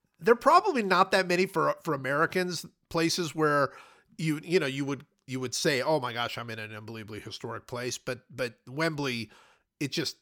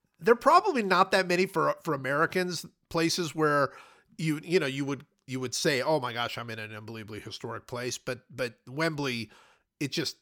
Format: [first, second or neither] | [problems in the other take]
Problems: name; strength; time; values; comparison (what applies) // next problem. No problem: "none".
neither | none